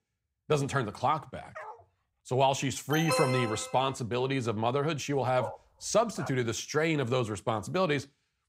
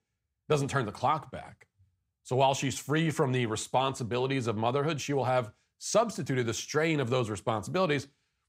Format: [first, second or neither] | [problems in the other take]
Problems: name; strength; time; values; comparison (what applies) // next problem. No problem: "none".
second | dog barking; faint; at 1.5 s; peak 15 dB below the speech // alarm; loud; at 3 s; peak level with the speech // dog barking; noticeable; at 5.5 s; peak 10 dB below the speech